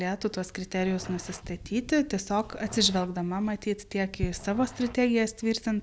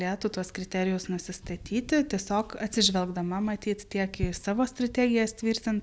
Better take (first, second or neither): second